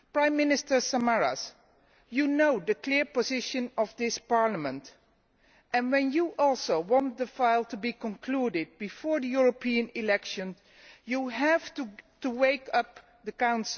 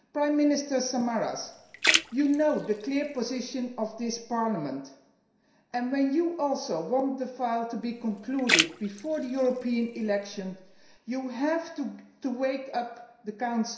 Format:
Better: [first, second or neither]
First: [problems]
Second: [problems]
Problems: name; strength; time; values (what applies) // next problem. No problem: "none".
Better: first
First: none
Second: background sound (Splash, splatter); 4 dB below the speech // room echo; dies away in 0.7 s